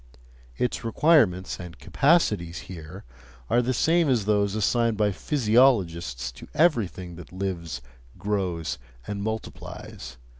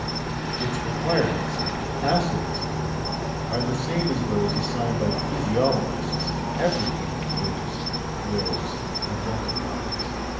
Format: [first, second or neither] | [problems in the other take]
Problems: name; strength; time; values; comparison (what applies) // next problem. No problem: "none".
first | background sound (Cricket); 2 dB above the speech // room echo; dies away in 0.8 s